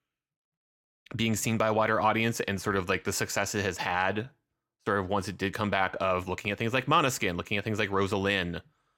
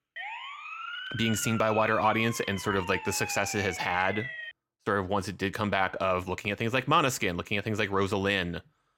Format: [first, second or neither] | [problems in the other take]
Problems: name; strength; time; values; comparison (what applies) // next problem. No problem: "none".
first | siren; noticeable; until 4.5 s; peak 8 dB below the speech